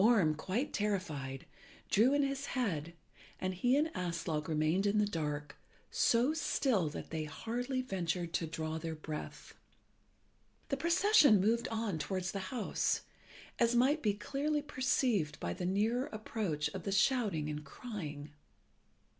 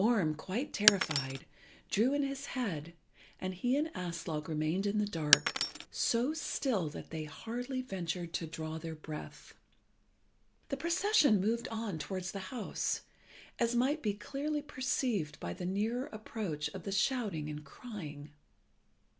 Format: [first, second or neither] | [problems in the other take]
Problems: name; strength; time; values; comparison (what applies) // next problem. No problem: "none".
first | background sound (Shatter); as loud as the speech